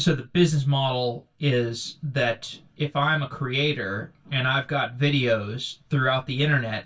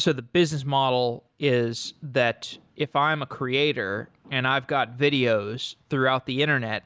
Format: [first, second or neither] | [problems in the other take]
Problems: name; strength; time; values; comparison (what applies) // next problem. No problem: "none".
second | room echo; dies away in 0.1 s